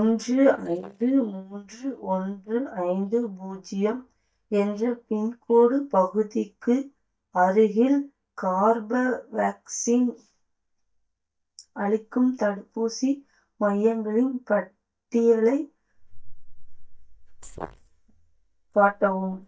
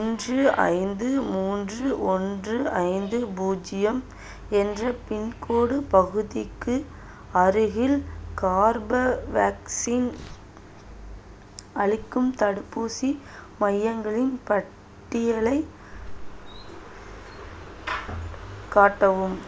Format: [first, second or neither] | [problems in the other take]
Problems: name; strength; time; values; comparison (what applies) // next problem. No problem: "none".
second | noise reduction (neural mask model DeepFilterNet 3)